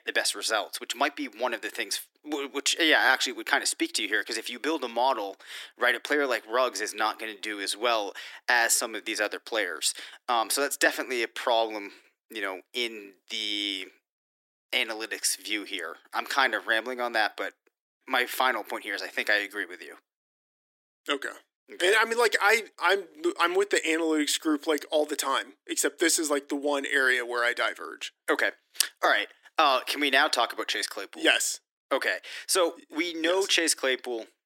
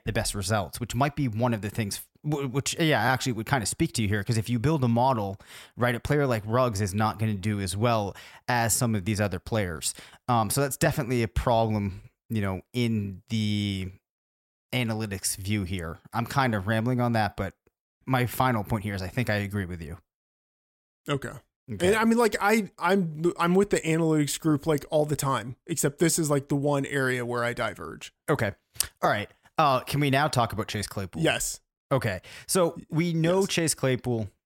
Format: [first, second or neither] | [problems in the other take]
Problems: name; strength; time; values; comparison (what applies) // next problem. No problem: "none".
second | thin; very; fading below 300 Hz